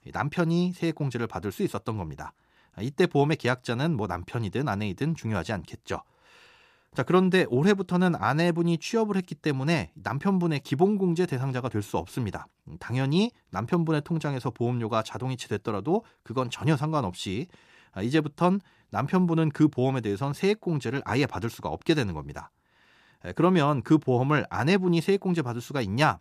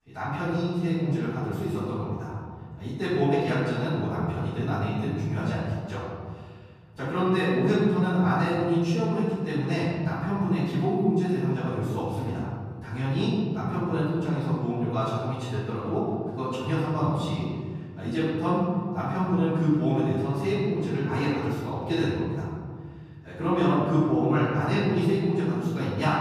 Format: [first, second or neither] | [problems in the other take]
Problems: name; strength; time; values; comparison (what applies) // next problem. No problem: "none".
first | off-mic speech; far // room echo; strong; dies away in 2.1 s